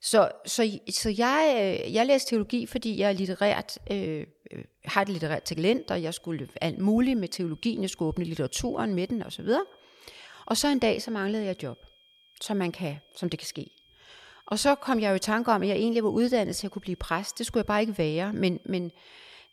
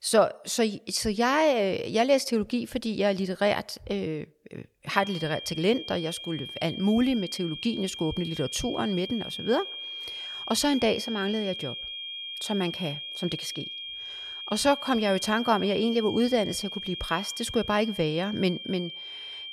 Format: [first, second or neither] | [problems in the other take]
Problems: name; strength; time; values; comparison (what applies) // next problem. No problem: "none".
first | high-pitched whine; loud; from 5 s on; 3 kHz, 8 dB below the speech; faint in the first